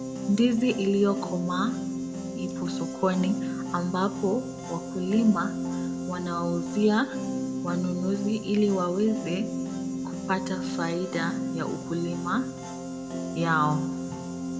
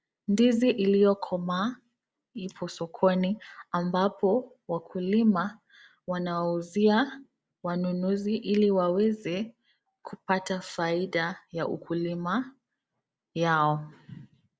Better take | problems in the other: second | background sound (Piano); 4 dB below the speech // room echo; dies away in 0.9 s

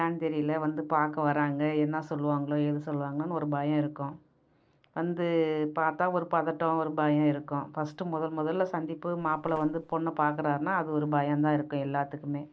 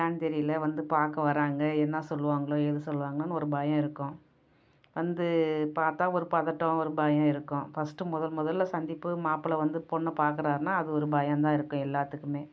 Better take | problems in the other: second | noise reduction (neural separator model SepFormer DNS4)

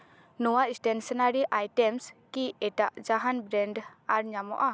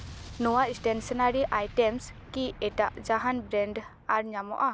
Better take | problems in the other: first | background sound (Explosion); 16 dB below the speech

